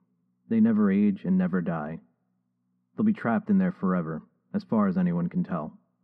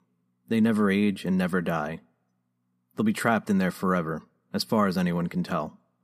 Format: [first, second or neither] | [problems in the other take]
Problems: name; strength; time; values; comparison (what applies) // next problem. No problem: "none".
second | muffled; very; fading above 1.5 kHz